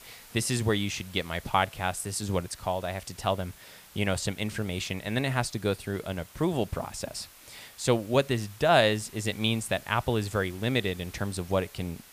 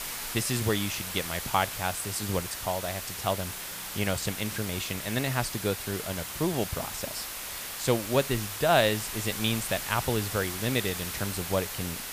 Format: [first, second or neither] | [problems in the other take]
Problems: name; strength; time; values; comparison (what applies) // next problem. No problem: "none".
first | hiss; loud; throughout; 4 dB below the speech; faint in the first